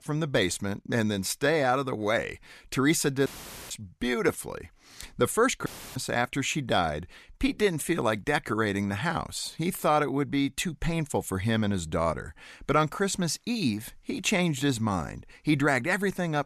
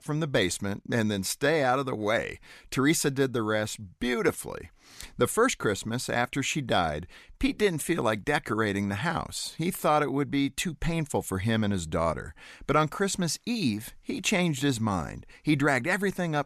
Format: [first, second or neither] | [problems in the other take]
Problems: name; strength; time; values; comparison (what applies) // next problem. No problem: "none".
second | audio cutting out; filled with static; at 3.5 s and at 5.5 s